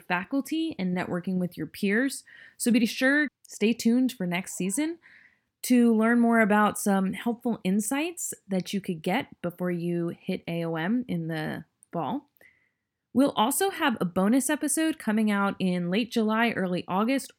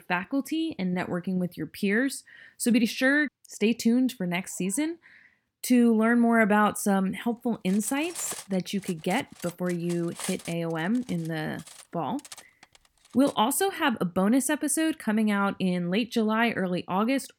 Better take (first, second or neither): first